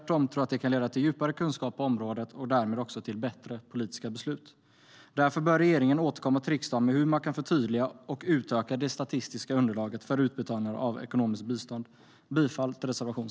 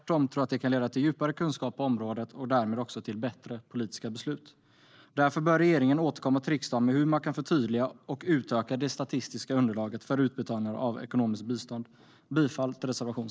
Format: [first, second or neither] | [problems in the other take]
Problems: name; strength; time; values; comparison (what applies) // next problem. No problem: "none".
first | noise reduction (neural mask model Resemble Enhance denoiser)